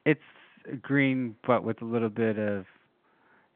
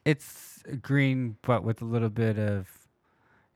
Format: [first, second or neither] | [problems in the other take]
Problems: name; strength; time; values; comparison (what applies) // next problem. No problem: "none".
second | phone-call audio; nothing above 3.5 kHz